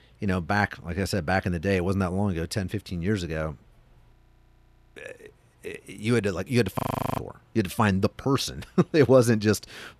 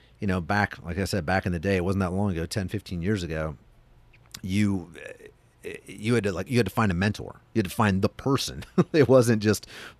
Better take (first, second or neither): second